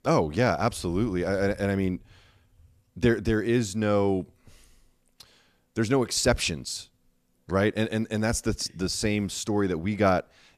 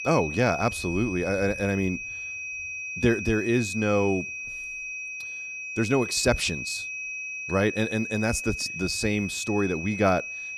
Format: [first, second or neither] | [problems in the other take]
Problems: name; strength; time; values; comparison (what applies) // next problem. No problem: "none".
first | high-pitched whine; loud; throughout; 2.5 kHz, 6 dB below the speech